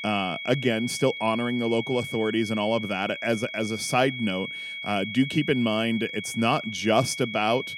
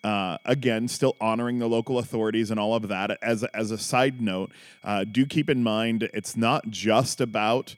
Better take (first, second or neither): second